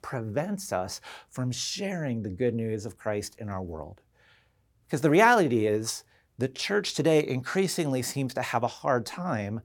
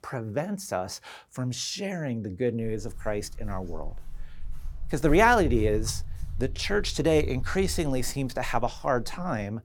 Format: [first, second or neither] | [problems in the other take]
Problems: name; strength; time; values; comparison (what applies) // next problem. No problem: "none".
first | footsteps; noticeable; from 2.5 s on; peak 4 dB below the speech